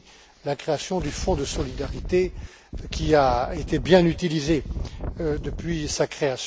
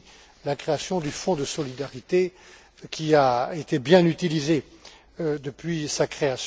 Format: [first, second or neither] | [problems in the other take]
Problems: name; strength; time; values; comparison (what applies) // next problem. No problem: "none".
second | background sound (Wind); 7 dB below the speech